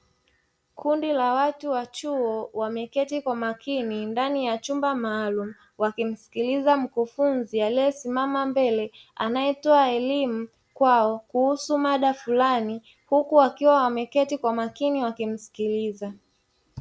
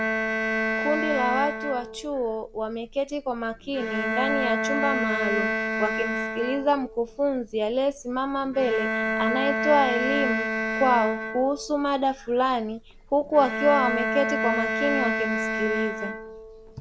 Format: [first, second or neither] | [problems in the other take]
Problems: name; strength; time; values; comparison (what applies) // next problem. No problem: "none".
first | background sound (Bowed string instrument); 2 dB below the speech